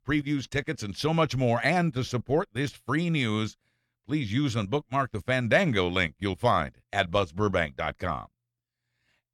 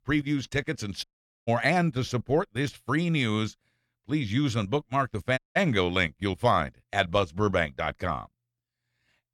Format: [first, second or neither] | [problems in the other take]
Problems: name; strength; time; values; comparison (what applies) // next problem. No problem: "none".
first | audio cutting out; at 1 s and at 5.5 s